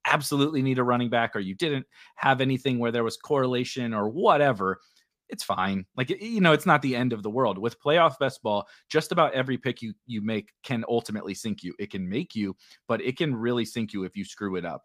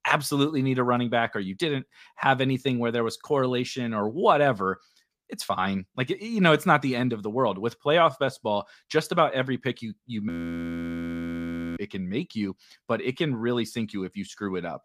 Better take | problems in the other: first | audio freezing; at 10 s for 1.5 s

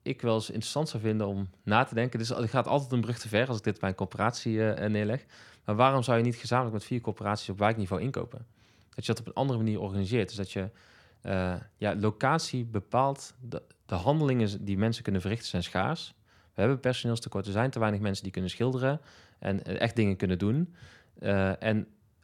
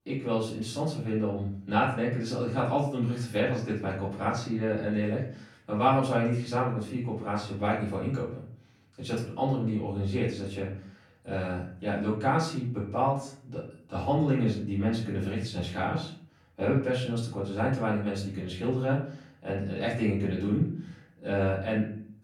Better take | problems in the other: first | off-mic speech; far // room echo; noticeable; dies away in 0.5 s

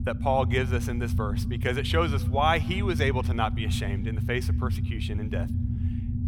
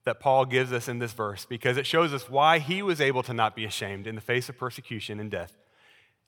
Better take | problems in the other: second | low rumble; noticeable; throughout; 10 dB below the speech

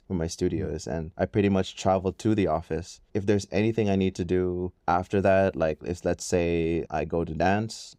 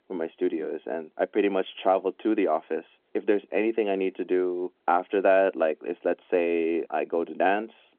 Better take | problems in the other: first | phone-call audio; nothing above 3.5 kHz

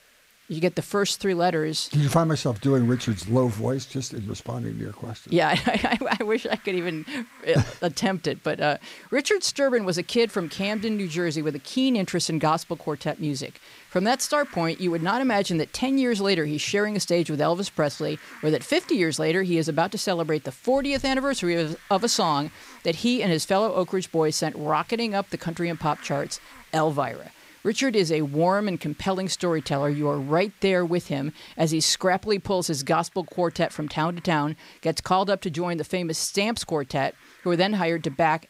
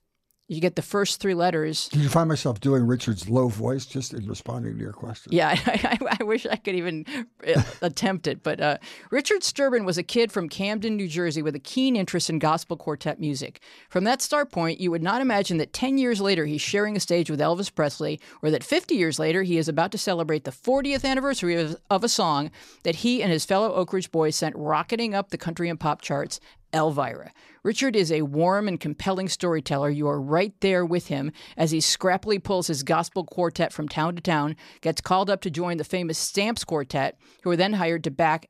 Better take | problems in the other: second | hiss; faint; throughout; 25 dB below the speech

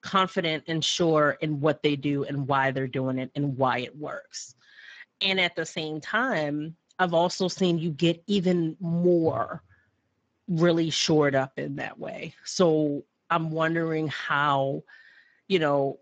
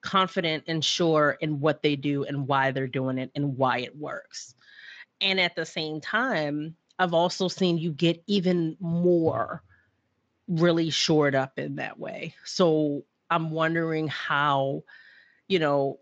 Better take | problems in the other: second | garbled, watery; badly; slightly in the second

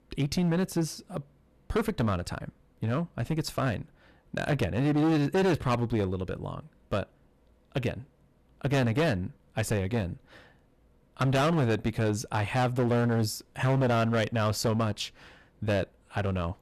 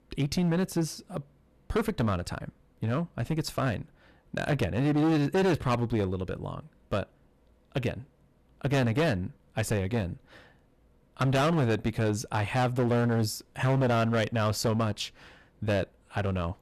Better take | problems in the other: neither | distortion; heavy; 10% of the sound clipped; the same in both

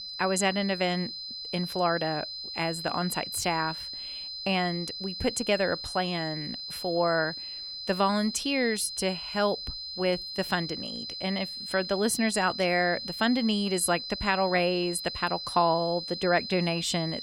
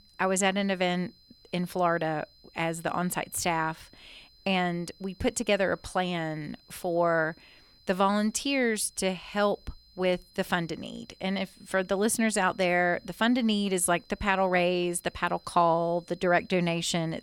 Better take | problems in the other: second | high-pitched whine; loud; throughout; 4 kHz, 7 dB below the speech; faint in the second

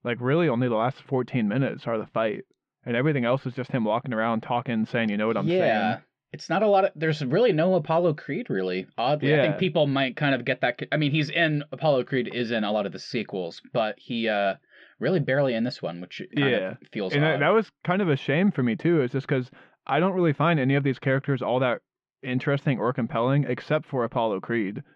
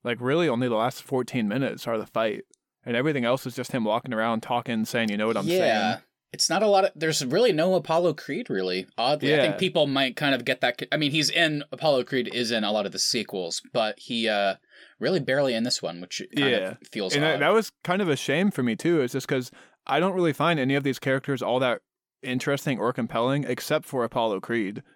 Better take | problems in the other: second | muffled; slightly; fading above 3 kHz

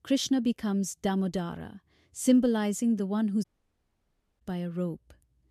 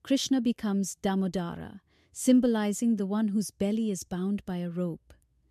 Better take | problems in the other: second | audio cutting out; at 3.5 s for 1 s

